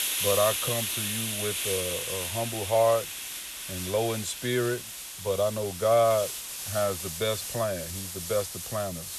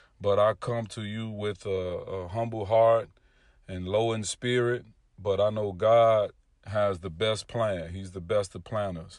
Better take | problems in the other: second | hiss; loud; throughout; 3 dB below the speech

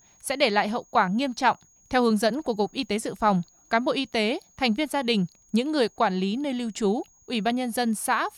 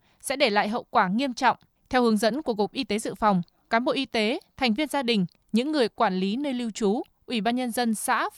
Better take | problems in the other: second | high-pitched whine; faint; throughout; 6.5 kHz, 30 dB below the speech

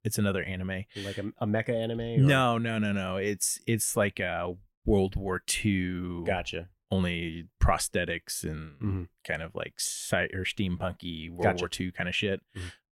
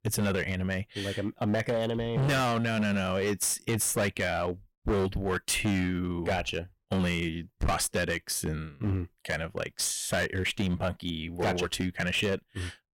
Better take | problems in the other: first | distortion; heavy; 14% of the sound clipped

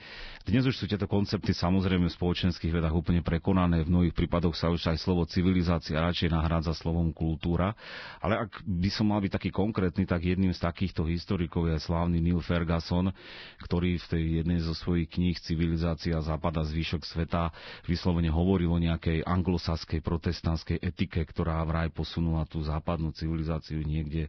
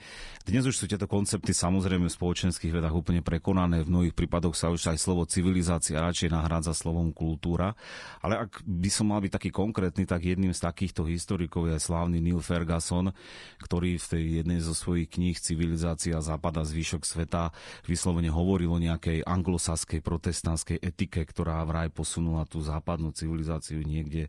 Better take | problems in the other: second | garbled, watery; badly; nothing above 5.5 kHz; slightly in the second

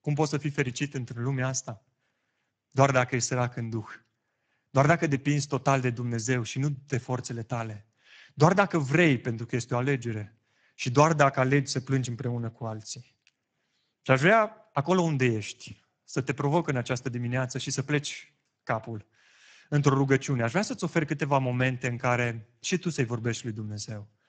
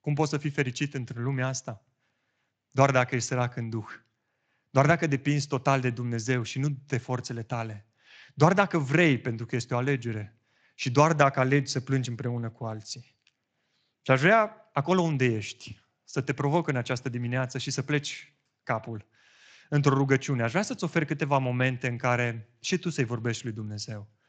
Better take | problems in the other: second | garbled, watery; badly; nothing above 7.5 kHz; slightly in the second

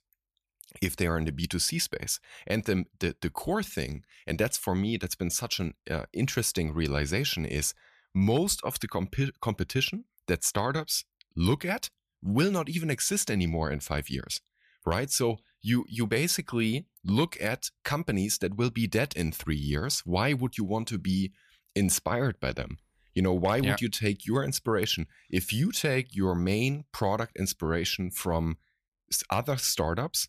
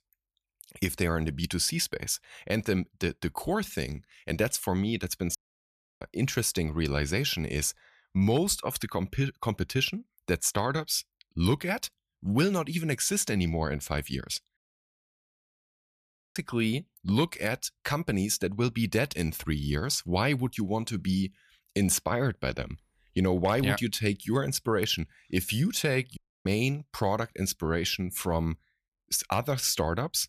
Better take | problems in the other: first | audio cutting out; at 5.5 s for 0.5 s, at 15 s for 2 s and at 26 s

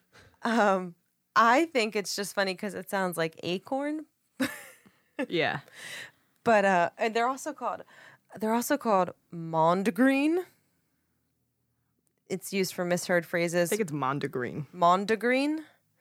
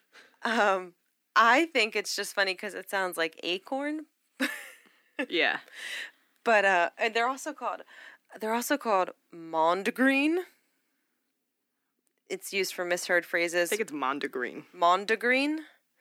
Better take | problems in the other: first | thin; very slightly; fading below 250 Hz

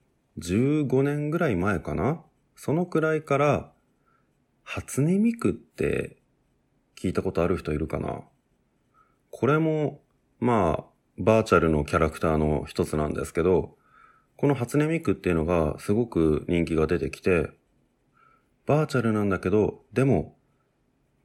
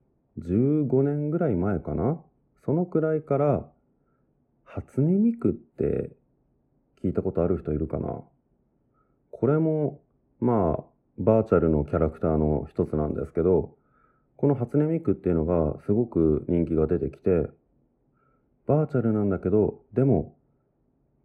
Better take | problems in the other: first | muffled; very; fading above 1.5 kHz

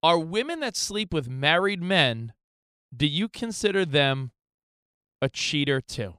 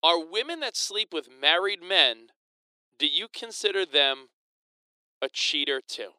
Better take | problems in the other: first | thin; somewhat; fading below 350 Hz

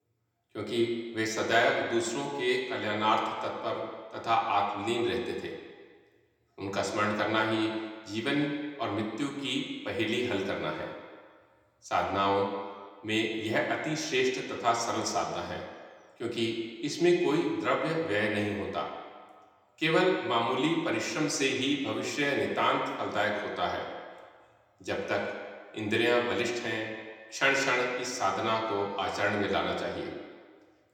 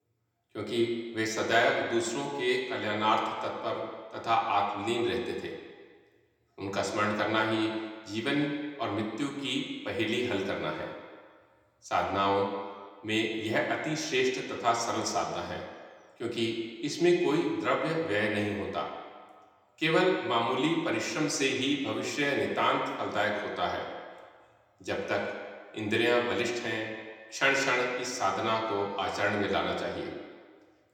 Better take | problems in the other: neither | room echo; noticeable; dies away in 1.4 s; the same in both

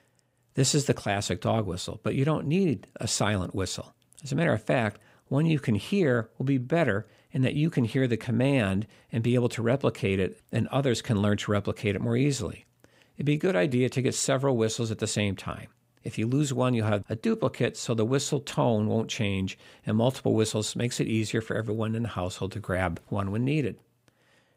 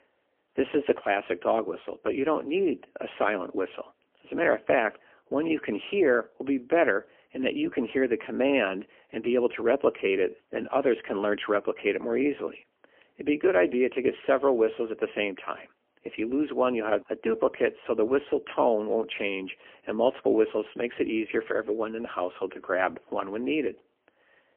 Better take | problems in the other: first | phone-call audio; poor line; nothing above 3 kHz

